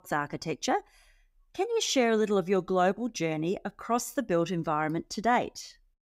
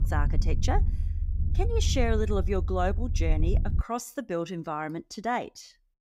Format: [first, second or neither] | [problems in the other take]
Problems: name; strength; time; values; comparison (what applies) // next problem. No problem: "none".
first | low rumble; noticeable; until 4 s; 15 dB below the speech